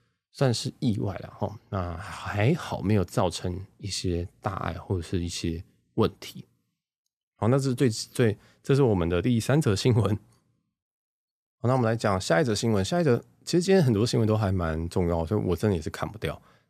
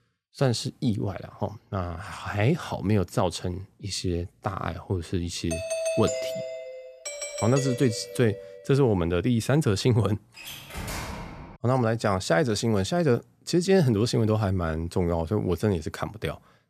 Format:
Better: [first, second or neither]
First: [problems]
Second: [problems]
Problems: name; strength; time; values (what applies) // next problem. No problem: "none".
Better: first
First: none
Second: doorbell; noticeable; from 5.5 to 8.5 s; peak 2 dB below the speech // door banging; noticeable; from 10 to 12 s; peak 7 dB below the speech